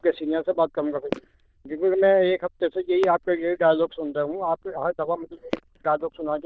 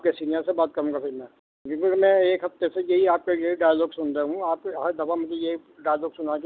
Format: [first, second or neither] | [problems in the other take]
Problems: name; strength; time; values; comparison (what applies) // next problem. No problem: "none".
second | noise reduction (neural diffusion model UNIVERSE++)